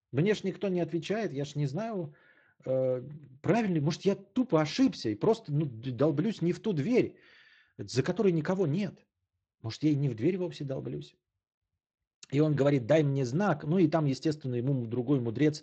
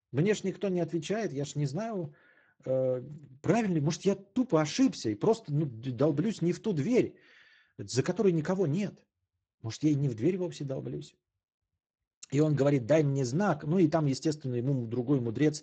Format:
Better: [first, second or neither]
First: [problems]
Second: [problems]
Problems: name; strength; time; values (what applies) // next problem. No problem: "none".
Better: first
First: garbled, watery; slightly; nothing above 7.5 kHz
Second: garbled, watery; badly; nothing above 7.5 kHz